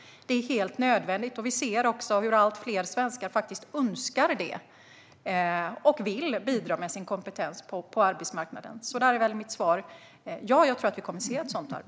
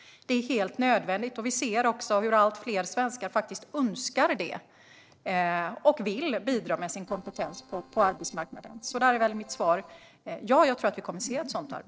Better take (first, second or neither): first